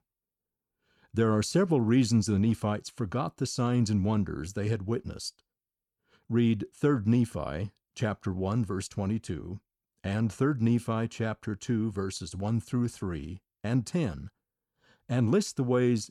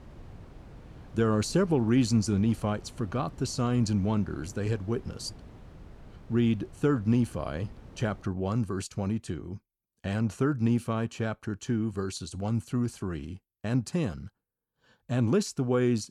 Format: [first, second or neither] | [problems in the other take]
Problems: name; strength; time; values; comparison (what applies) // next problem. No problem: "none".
first | wind noise on the microphone; occasional gusts; until 8.5 s; 20 dB below the speech